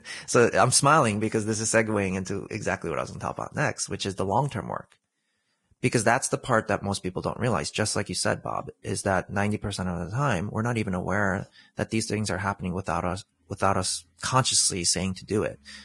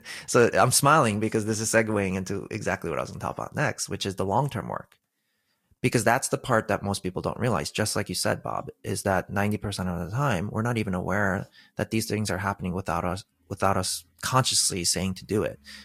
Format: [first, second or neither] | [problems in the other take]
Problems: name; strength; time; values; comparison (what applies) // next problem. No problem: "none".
second | garbled, watery; badly; nothing above 10 kHz; slightly in the second